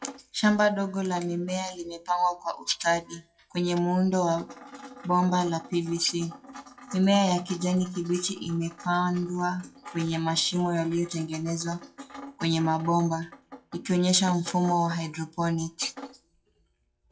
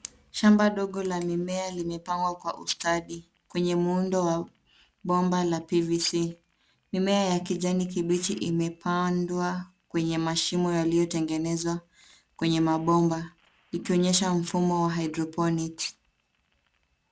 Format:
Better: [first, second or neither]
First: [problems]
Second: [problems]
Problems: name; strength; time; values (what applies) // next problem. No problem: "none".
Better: second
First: noise reduction (classical method WPE with log-MMSE)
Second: none